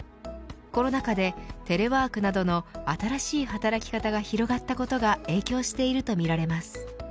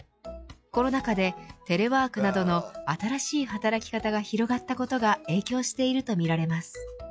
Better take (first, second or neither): first